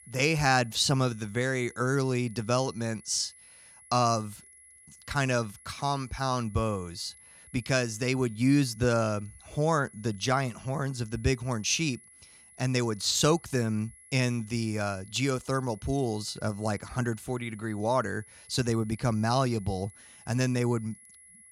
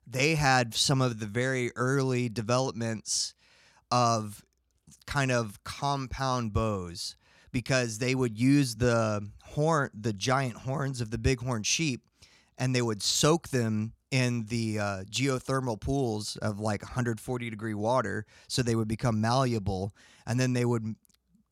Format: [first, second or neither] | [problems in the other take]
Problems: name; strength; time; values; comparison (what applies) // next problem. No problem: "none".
second | high-pitched whine; faint; throughout; 11 kHz, 25 dB below the speech